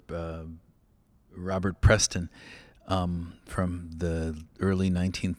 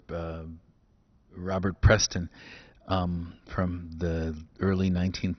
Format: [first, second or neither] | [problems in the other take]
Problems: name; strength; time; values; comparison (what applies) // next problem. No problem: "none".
first | garbled, watery; badly; nothing above 6 kHz